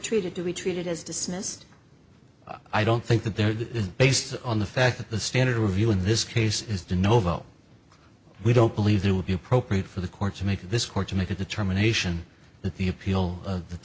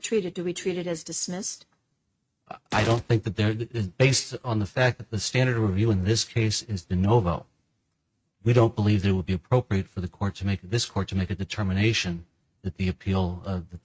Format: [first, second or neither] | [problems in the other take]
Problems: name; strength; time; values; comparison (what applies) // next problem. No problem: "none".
first | noise reduction (neural mask model RNNoise)